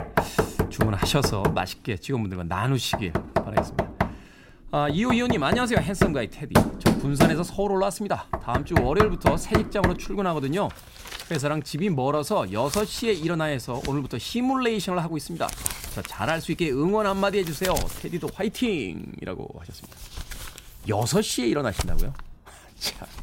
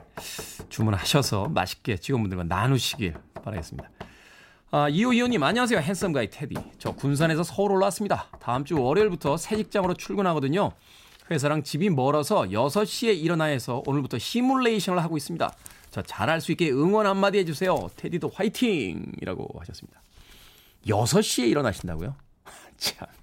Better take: second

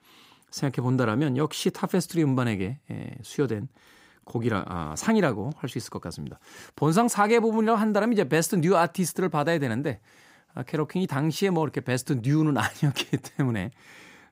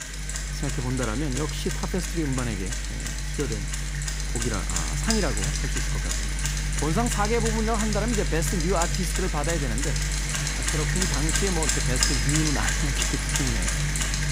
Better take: first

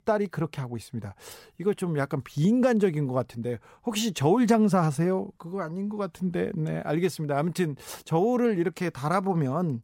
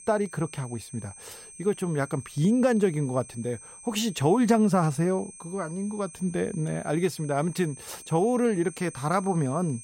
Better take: first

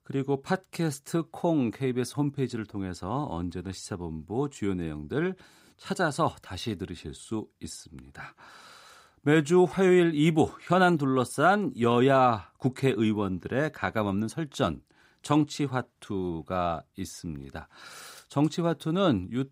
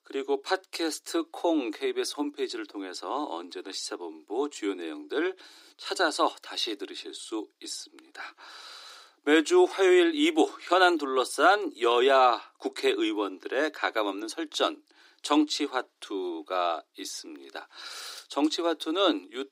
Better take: first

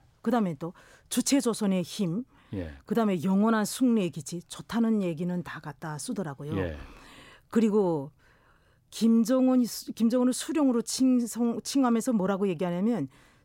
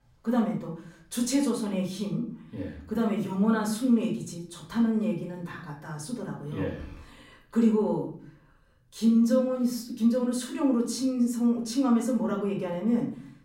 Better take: first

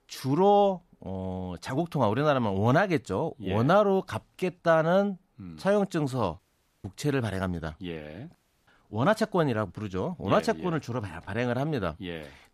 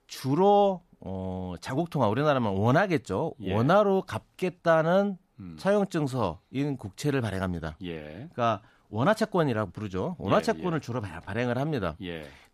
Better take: second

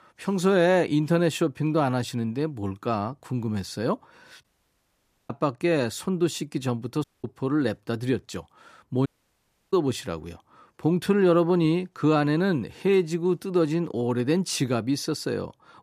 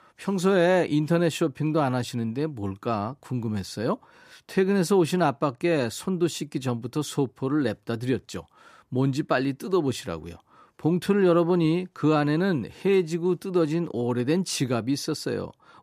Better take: second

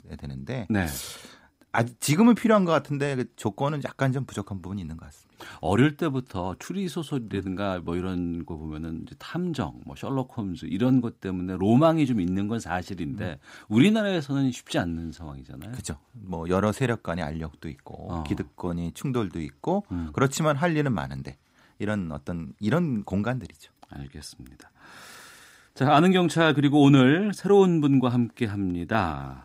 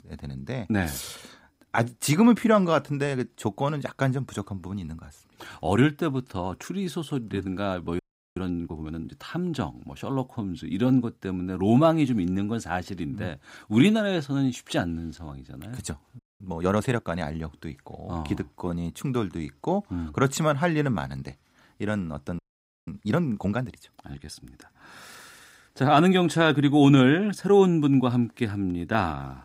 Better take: first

